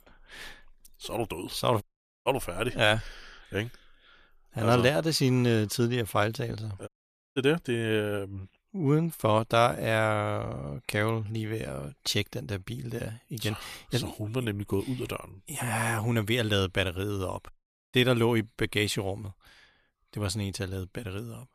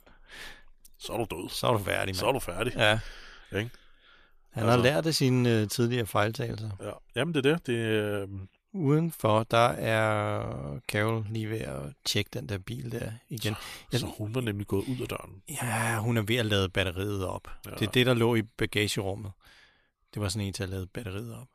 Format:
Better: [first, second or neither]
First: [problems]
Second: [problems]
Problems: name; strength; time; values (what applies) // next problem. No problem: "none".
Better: second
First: audio cutting out; at 2 s, at 7 s and at 18 s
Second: none